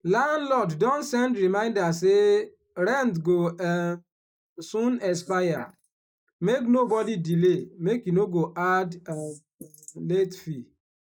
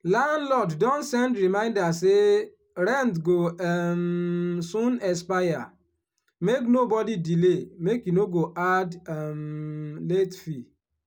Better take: second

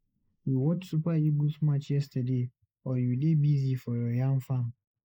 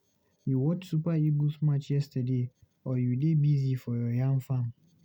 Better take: second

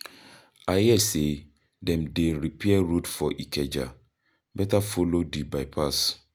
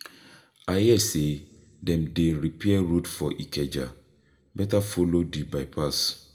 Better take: first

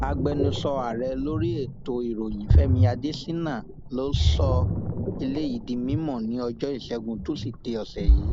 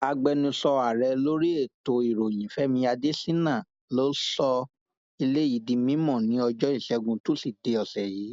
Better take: second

